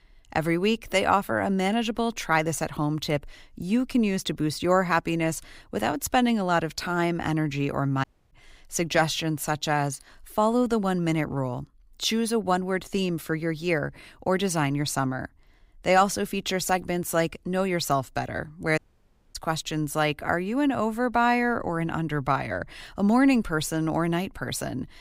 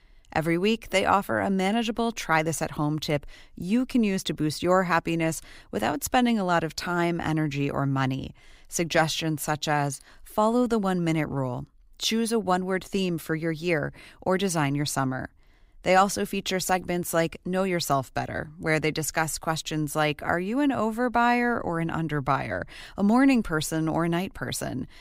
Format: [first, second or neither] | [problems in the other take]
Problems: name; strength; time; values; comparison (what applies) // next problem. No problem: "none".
second | audio cutting out; at 8 s and at 19 s for 0.5 s